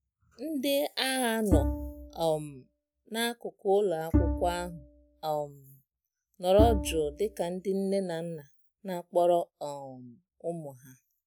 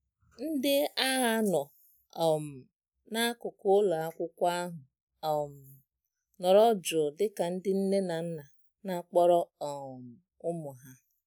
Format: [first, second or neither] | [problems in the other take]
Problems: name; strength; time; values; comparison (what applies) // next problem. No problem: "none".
second | background sound (Bowed string instrument); 1 dB below the speech